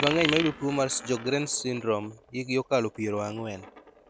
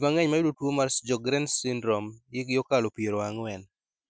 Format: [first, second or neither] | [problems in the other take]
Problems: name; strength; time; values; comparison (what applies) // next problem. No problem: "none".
second | background sound (Coin (dropping)); 9 dB below the speech